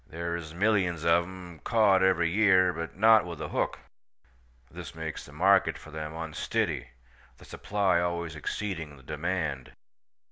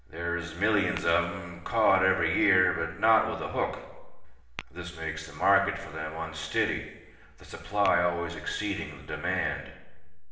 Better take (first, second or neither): first